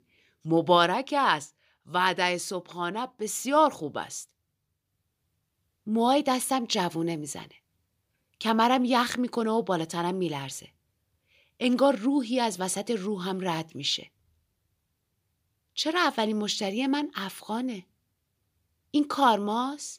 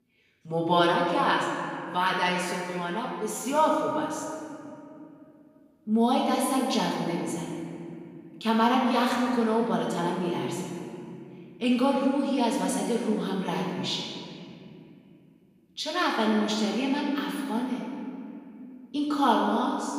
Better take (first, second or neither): first